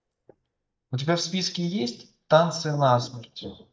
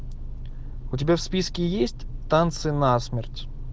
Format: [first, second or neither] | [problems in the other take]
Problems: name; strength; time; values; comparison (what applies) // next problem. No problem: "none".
second | noise reduction (neural mask model DeepFilterNet 3)